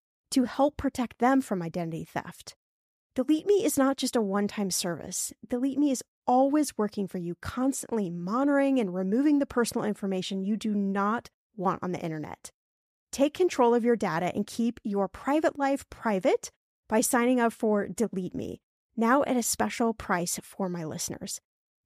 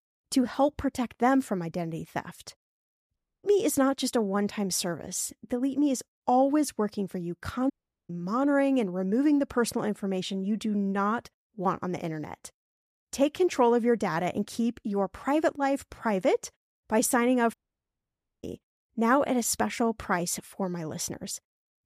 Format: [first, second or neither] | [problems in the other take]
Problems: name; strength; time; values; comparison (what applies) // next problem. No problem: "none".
first | audio cutting out; at 3 s, at 7.5 s and at 18 s for 1 s